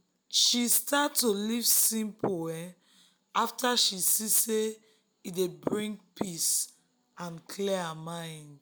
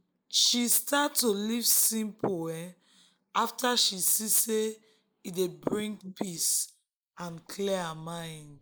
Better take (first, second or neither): first